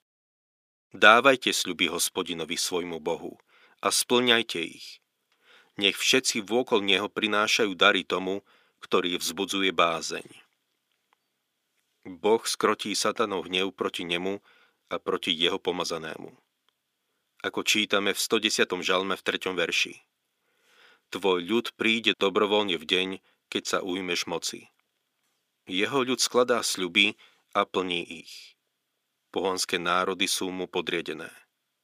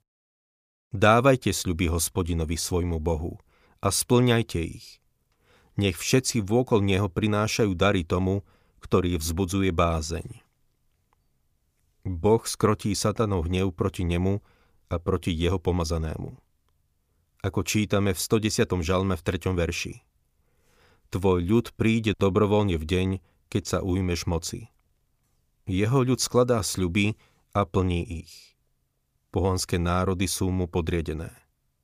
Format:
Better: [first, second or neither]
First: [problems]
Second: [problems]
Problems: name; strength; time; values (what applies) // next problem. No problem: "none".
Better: second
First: thin; somewhat; fading below 250 Hz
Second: none